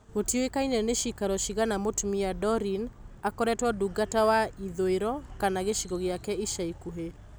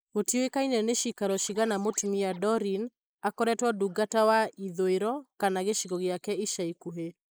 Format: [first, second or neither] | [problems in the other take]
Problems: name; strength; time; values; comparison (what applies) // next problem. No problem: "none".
first | noise reduction (neural mask model Resemble Enhance denoiser)